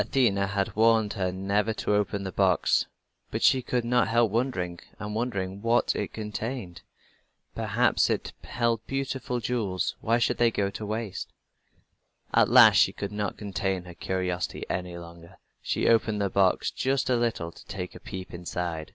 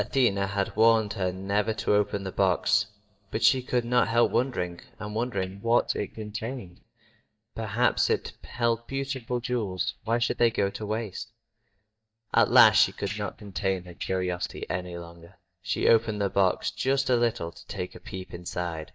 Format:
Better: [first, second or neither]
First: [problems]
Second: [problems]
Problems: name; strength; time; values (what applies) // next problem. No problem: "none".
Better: first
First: none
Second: noise reduction (neural mask model DeepFilterNet 3)